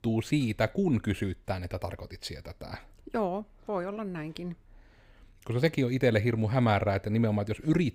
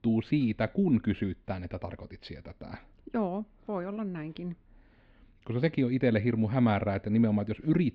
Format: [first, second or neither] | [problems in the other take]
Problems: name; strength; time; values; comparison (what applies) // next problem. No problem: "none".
first | muffled; very slightly; fading above 4 kHz